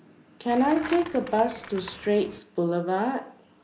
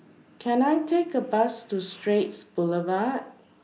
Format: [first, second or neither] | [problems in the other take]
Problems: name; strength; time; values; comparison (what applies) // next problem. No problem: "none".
second | background sound (Skateboard); 14 dB below the speech